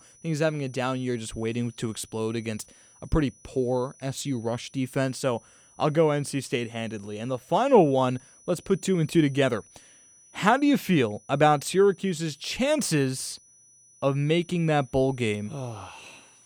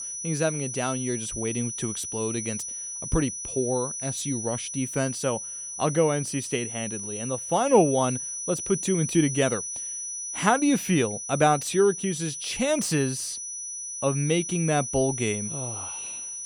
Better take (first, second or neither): first